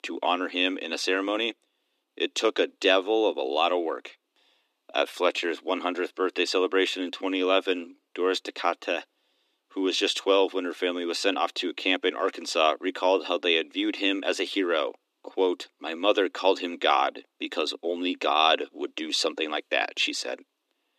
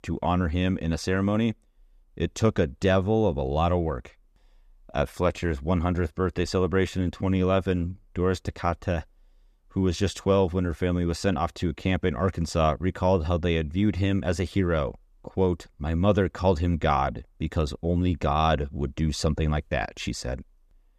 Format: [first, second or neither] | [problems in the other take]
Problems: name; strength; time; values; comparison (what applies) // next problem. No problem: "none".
second | thin; somewhat; fading below 250 Hz